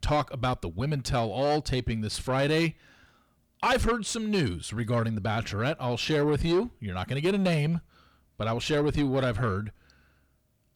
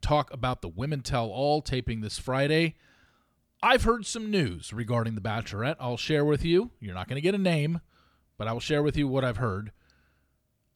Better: second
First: distortion; slight; 10 dB below the speech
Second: none

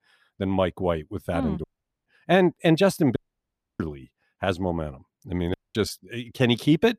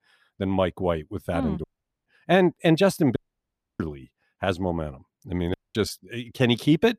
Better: neither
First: audio cutting out; at 1.5 s, at 3 s for 0.5 s and at 5.5 s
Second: audio cutting out; at 1.5 s, at 3 s for 0.5 s and at 5.5 s

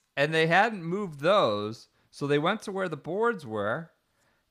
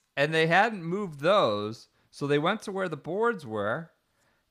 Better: neither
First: none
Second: none

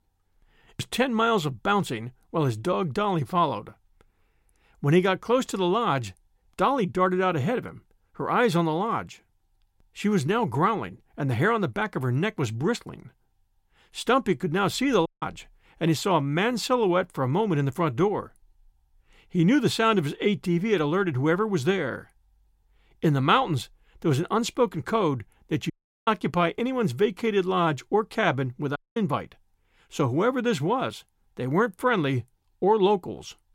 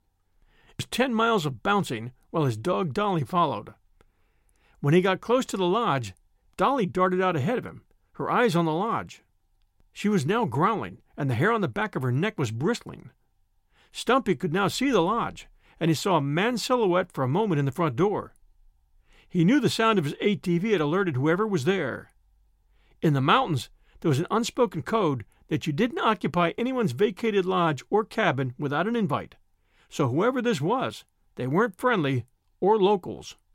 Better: second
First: audio cutting out; at 15 s, at 26 s and at 29 s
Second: none

